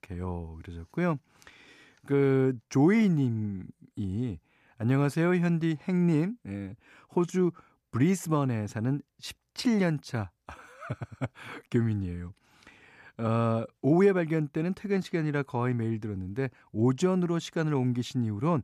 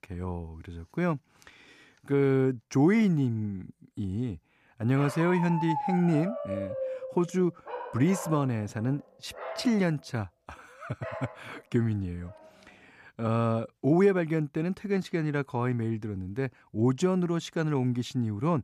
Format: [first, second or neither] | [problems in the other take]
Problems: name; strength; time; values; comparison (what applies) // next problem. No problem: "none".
first | dog barking; noticeable; from 5 to 11 s; peak 3 dB below the speech